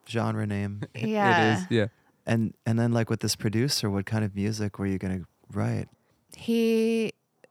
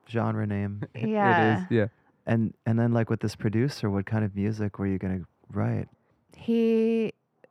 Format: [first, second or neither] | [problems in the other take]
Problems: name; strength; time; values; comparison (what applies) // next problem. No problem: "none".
first | muffled; slightly; fading above 3.5 kHz